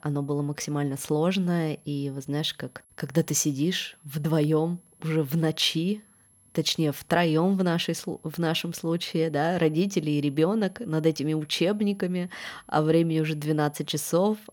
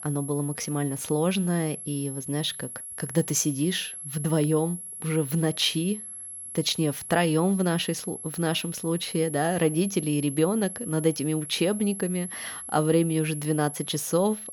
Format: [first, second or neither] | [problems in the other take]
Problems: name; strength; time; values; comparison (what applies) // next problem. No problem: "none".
first | high-pitched whine; loud; throughout; 11 kHz, 9 dB below the speech; faint in the first